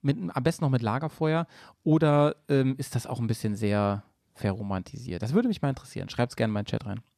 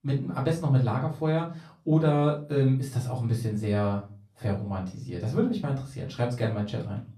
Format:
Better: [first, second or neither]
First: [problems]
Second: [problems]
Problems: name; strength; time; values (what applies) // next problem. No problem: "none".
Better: first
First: none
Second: off-mic speech; far // room echo; slight; dies away in 0.3 s